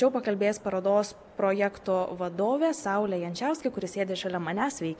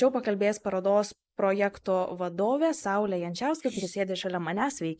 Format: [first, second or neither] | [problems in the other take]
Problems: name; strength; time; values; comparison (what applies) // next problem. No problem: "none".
first | noise reduction (neural mask model Resemble Enhance denoiser)